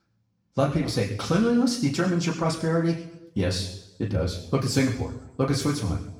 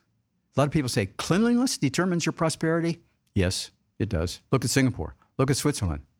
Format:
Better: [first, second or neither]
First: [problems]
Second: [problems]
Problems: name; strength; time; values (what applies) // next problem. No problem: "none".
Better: second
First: room echo; noticeable; dies away in 0.8 s // off-mic speech; far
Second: none